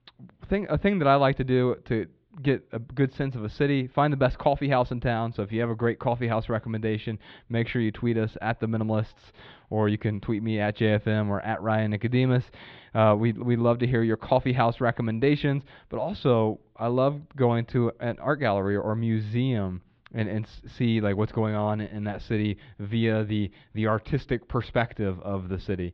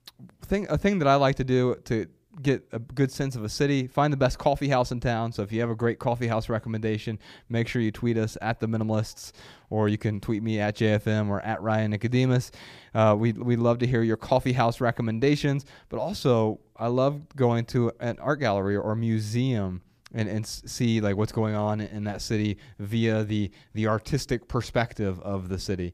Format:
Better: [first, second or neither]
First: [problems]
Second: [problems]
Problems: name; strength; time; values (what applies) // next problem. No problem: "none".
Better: second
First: muffled; slightly; fading above 3.5 kHz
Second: none